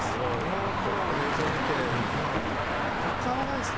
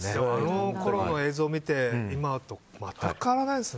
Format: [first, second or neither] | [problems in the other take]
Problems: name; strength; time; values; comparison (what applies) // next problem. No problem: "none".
second | background sound (Traffic noise, roadway noise); 5 dB above the speech